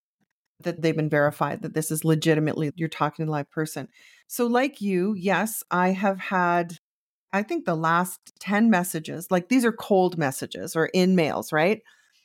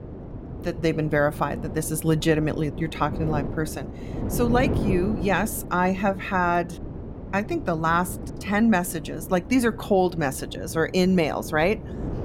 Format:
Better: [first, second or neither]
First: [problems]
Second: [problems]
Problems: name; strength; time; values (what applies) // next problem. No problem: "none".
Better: first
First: none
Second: wind noise on the microphone; occasional gusts; 15 dB below the speech